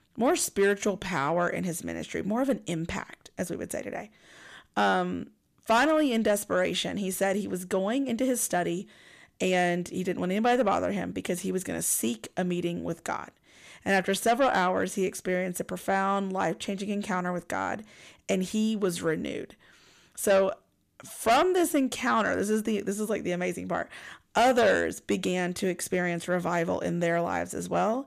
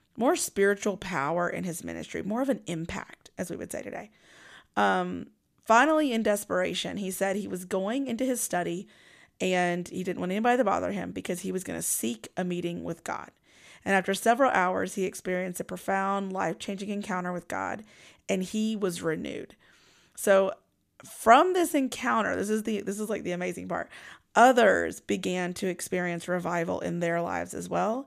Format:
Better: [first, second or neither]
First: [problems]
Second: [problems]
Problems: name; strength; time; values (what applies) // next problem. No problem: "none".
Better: second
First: distortion; slight; 10 dB below the speech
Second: none